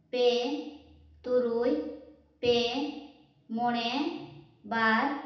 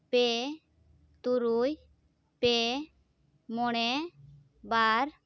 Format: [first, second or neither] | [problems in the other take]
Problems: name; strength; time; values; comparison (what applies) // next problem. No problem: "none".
second | room echo; dies away in 0.8 s